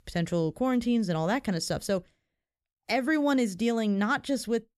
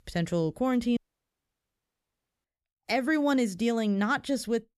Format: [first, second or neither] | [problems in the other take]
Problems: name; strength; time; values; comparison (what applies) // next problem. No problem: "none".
first | audio cutting out; at 1 s for 1.5 s